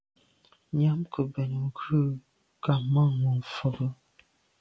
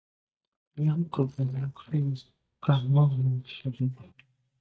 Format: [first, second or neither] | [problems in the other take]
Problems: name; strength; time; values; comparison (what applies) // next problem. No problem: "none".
first | noise reduction (neural mask model DeepFilterNet 3)